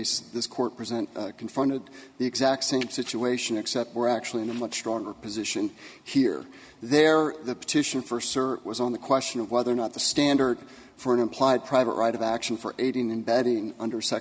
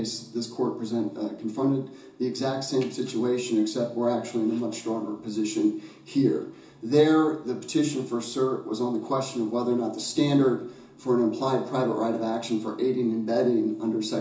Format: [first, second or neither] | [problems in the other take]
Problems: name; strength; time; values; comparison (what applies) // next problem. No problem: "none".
first | room echo; dies away in 0.7 s